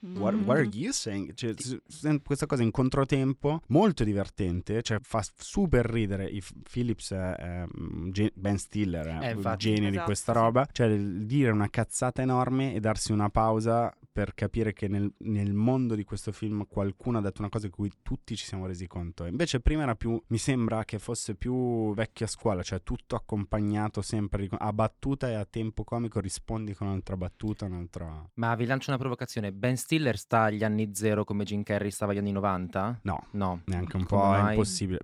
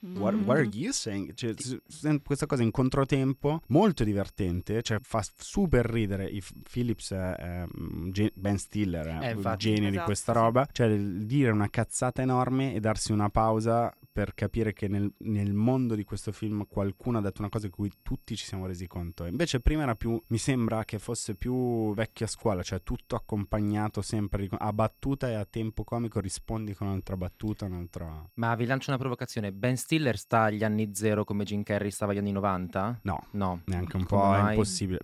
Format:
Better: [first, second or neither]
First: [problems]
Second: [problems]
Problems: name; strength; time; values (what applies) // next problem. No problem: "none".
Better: first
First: none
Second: high-pitched whine; faint; throughout; 11.5 kHz, 35 dB below the speech